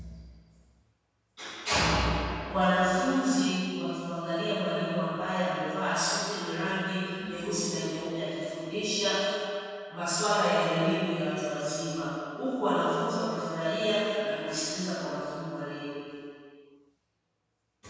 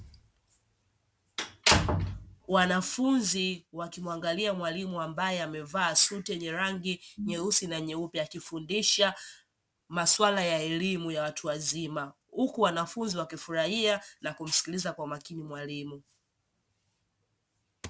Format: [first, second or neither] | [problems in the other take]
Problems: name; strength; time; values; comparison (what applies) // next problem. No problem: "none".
second | room echo; dies away in 2.2 s